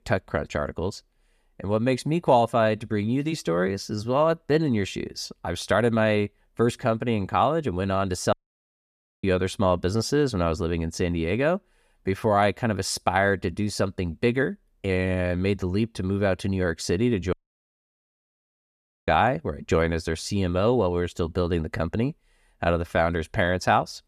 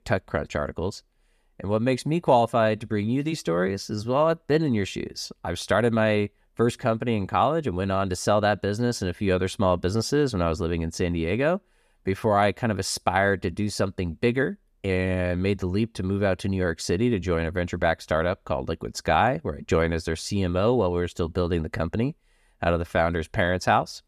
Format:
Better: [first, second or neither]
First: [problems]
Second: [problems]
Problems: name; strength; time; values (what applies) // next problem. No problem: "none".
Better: second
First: audio cutting out; at 8.5 s for 1 s and at 17 s for 1.5 s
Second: none